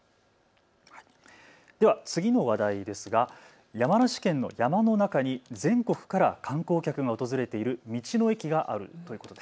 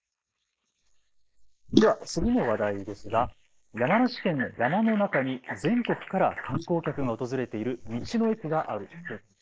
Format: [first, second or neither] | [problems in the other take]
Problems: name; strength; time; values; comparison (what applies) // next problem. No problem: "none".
first | noise reduction (neural mask model Resemble Enhance denoiser)